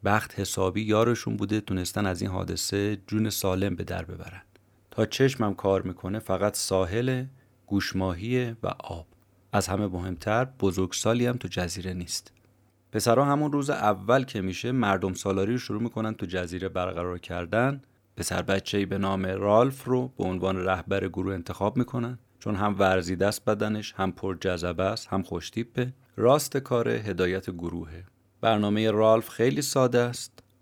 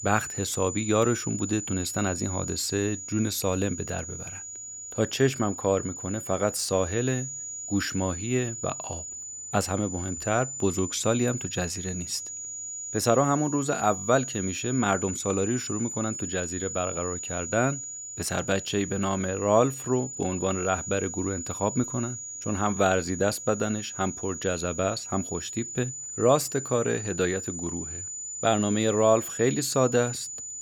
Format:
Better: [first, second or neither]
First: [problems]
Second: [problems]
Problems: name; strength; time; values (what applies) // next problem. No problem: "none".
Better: first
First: none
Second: high-pitched whine; loud; throughout; 7 kHz, 7 dB below the speech